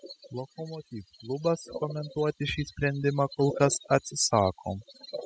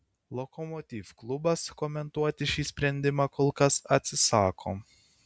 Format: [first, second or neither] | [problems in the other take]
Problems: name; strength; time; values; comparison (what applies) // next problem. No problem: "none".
second | noise reduction (classical method spectral subtraction)